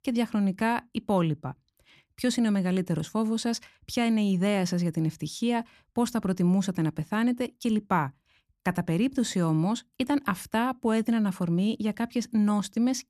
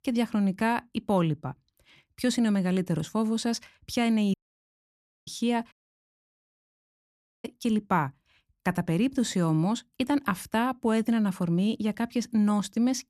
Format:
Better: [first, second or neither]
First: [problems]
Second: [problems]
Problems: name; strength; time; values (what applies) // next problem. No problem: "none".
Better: first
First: none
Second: audio cutting out; at 4.5 s for 1 s and at 5.5 s for 1.5 s